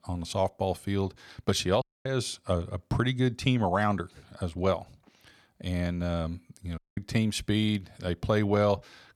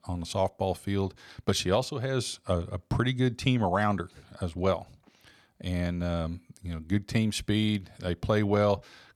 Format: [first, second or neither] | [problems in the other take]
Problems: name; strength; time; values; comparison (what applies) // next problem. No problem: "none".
second | audio cutting out; at 2 s and at 7 s